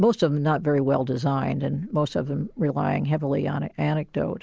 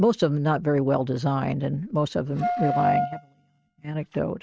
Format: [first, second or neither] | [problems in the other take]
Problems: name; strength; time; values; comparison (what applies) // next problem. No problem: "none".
first | noise reduction (neural mask model RNNoise)